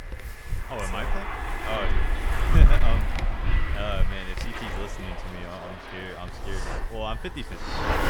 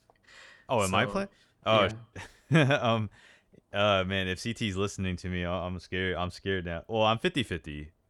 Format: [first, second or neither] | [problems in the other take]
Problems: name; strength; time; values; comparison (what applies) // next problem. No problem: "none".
second | wind noise on the microphone; heavy; 2 dB above the speech